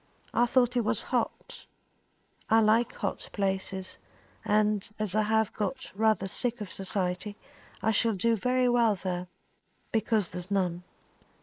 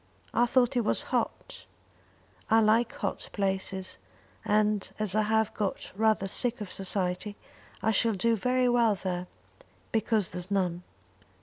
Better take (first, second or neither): second